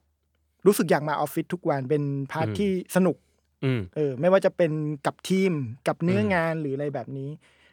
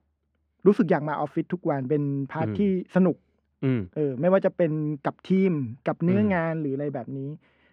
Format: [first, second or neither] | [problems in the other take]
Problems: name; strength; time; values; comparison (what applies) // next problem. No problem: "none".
first | muffled; very; fading above 2.5 kHz